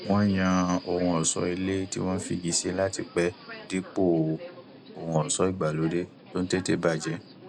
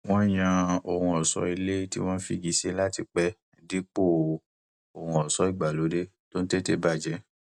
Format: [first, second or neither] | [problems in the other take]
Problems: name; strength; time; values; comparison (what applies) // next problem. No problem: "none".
second | background sound (Subway, metro, underground); 16 dB below the speech